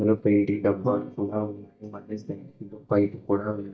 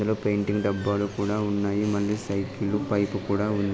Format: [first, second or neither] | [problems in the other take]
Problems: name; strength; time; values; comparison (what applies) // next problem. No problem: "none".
second | noise reduction (neural mask model DeepFilterNet 3)